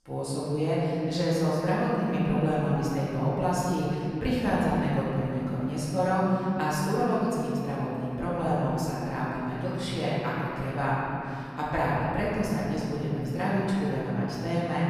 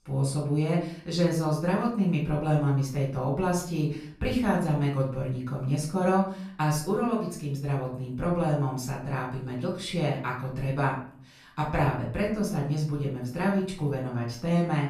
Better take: second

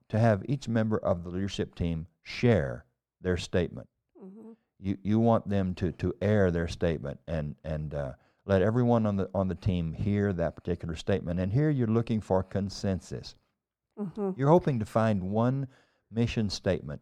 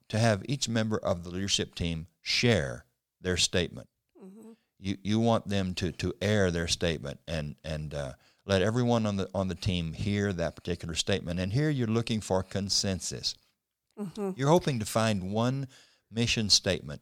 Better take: second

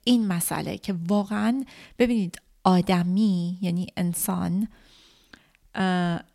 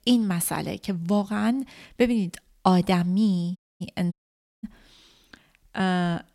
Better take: first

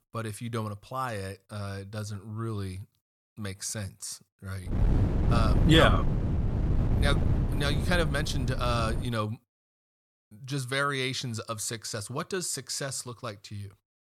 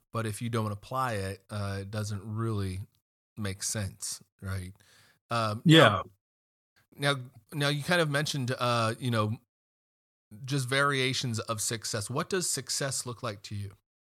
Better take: second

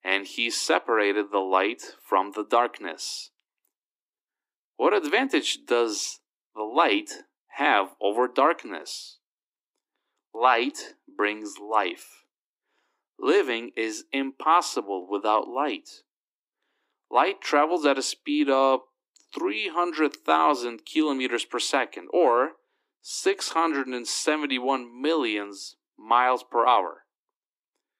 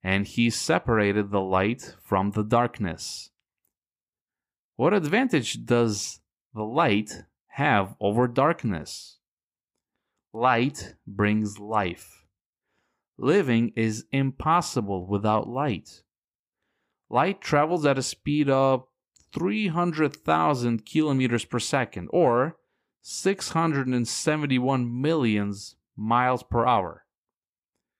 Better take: second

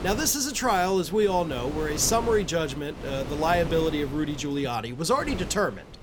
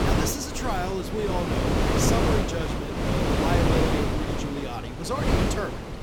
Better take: first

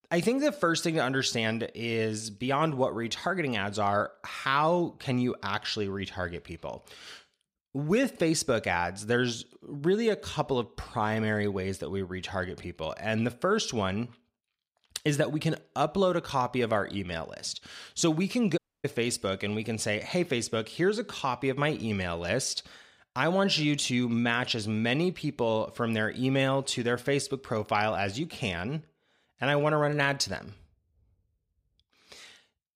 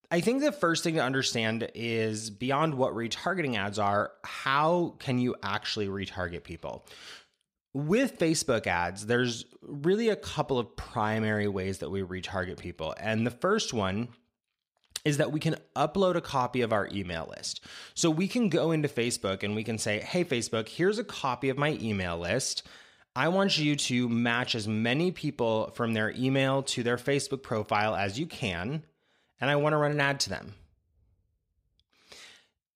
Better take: second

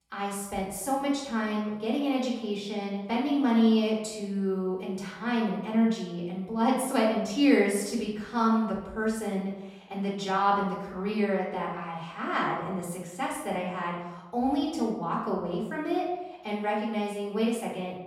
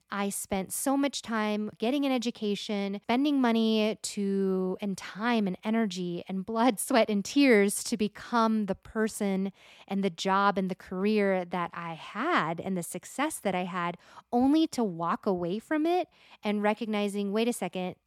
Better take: second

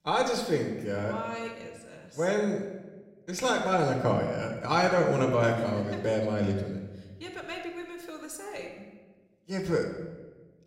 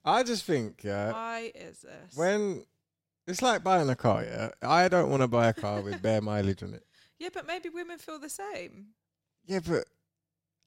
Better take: second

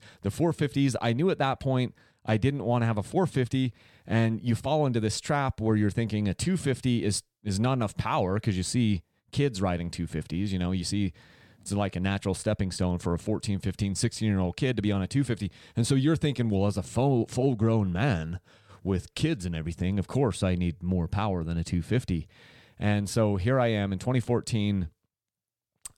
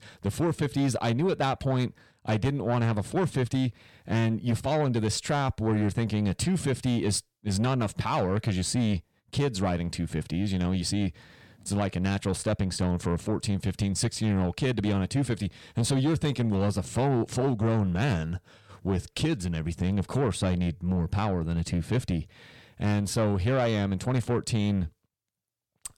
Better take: first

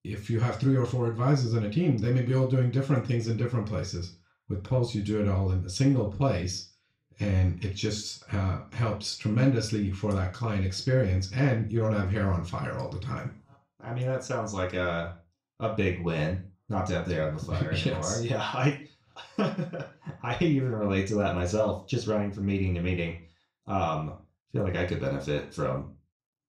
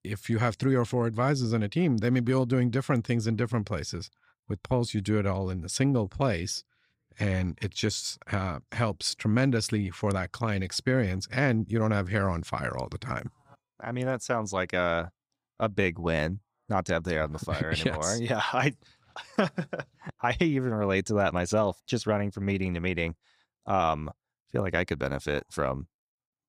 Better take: second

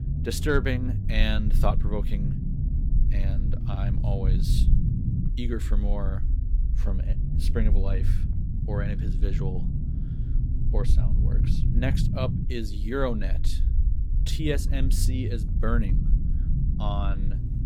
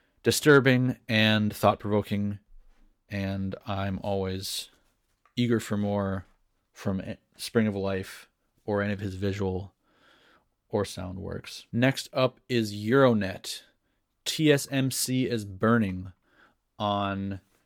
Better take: second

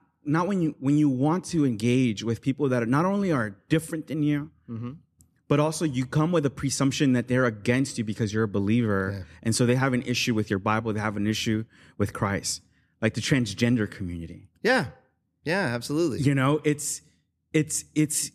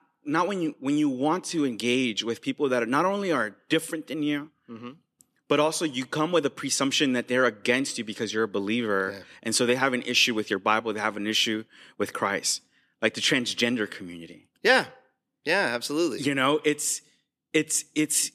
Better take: first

